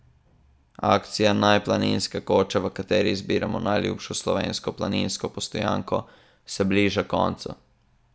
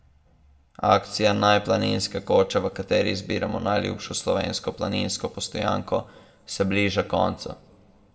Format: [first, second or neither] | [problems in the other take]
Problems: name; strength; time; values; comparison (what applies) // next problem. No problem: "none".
first | room echo; dies away in 0.6 s